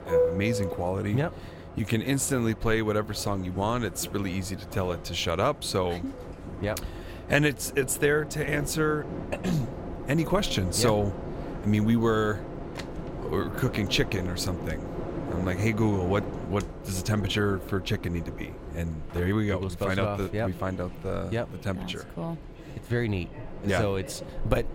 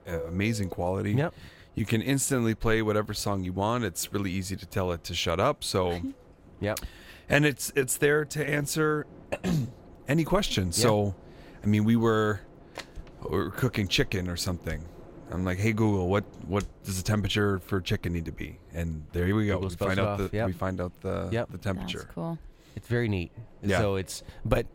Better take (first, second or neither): second